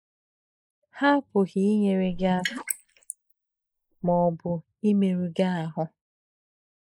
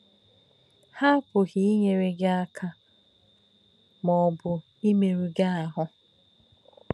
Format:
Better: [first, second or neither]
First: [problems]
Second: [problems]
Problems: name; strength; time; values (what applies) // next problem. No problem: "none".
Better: second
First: noise reduction (neural mask model Resemble Enhance denoiser)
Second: none